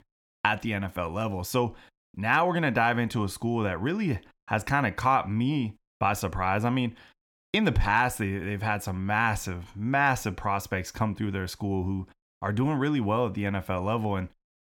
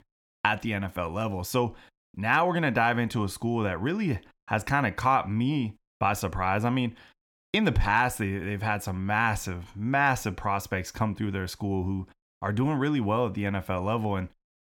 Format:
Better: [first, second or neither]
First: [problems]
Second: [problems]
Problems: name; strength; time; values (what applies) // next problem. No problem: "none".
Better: neither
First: none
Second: none